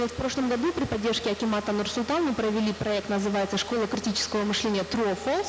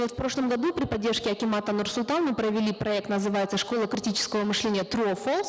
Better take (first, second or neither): second